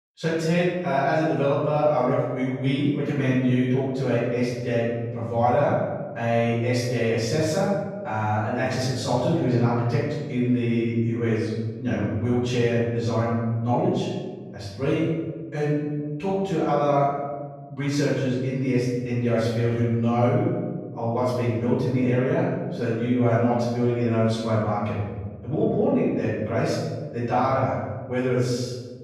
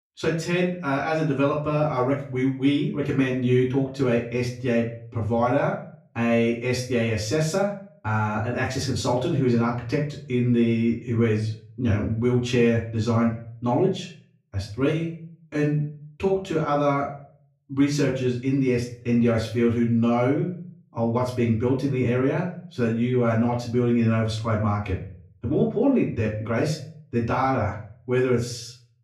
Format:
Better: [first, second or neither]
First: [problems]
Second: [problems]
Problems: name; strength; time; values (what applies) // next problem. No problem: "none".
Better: second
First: room echo; strong; dies away in 1.4 s // off-mic speech; far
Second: room echo; slight; dies away in 0.4 s // off-mic speech; far